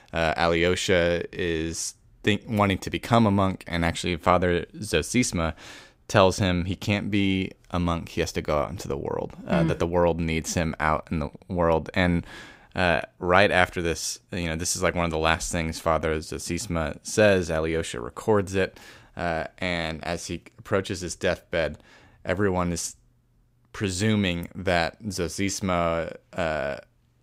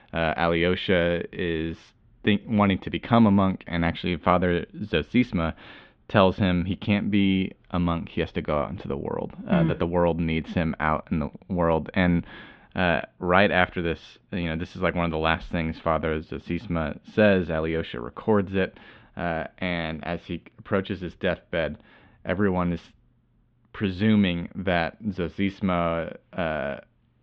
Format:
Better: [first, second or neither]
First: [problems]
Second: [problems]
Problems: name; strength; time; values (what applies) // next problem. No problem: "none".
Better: first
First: none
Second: muffled; very; fading above 3.5 kHz